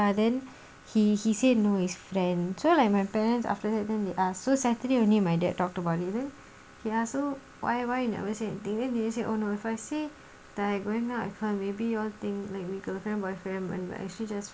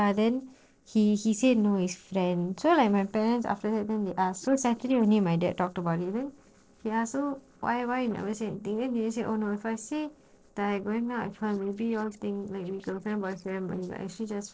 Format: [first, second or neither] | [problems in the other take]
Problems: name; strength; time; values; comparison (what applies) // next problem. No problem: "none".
first | noise reduction (neural separator model SepFormer DNS4)